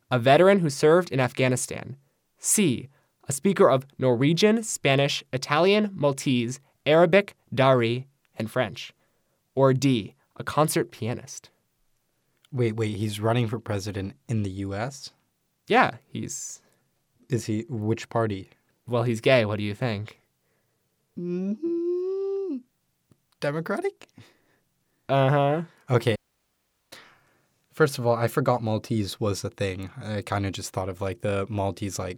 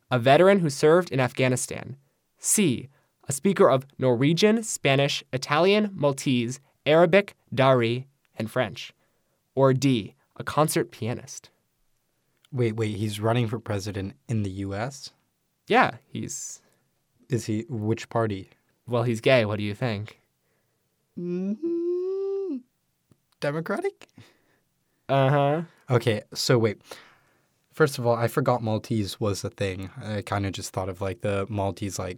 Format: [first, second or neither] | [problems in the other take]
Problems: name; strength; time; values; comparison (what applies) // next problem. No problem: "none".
second | audio cutting out; at 26 s for 1 s